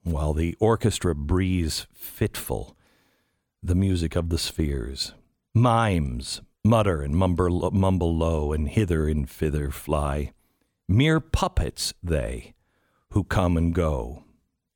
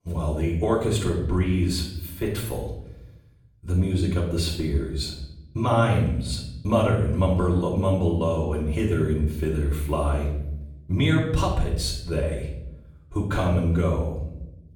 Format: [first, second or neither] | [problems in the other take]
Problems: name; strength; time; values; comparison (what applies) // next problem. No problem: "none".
first | off-mic speech; far // room echo; noticeable; dies away in 0.7 s